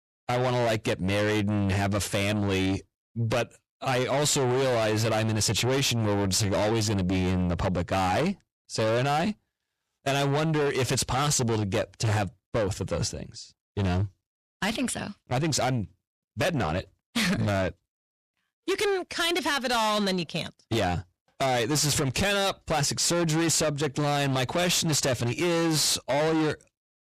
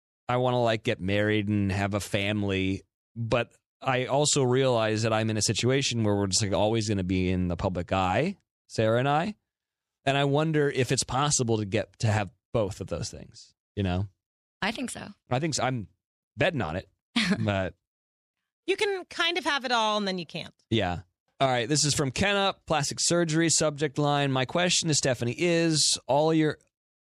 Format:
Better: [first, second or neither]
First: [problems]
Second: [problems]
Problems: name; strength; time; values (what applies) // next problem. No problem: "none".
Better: second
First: distortion; heavy; 6 dB below the speech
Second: none